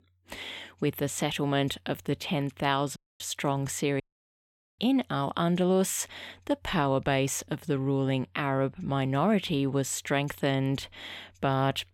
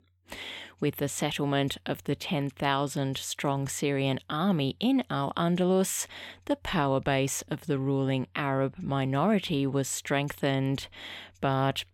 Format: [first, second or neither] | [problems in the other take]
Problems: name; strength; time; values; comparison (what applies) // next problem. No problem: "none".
second | audio cutting out; at 3 s and at 4 s for 1 s